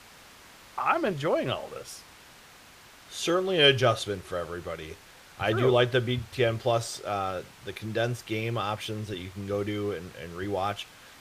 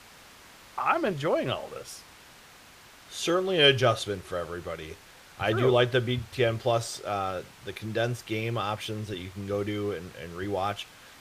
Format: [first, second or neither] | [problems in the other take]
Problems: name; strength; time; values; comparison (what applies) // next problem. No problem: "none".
neither | hiss; faint; throughout; 20 dB below the speech; the same in both